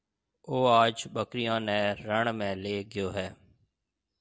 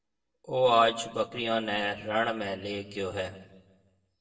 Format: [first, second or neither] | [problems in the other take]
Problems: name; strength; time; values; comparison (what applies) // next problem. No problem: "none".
first | room echo; dies away in 0.9 s